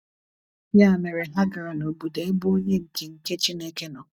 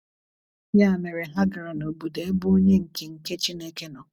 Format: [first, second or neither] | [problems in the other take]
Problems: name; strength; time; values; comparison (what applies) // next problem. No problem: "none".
second | noise reduction (neural mask model DeepFilterNet 3)